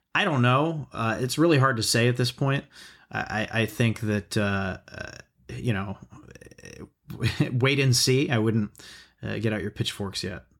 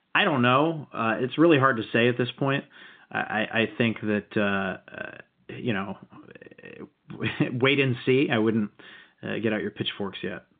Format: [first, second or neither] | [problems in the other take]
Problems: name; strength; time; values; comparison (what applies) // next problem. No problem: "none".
first | phone-call audio; nothing above 3.5 kHz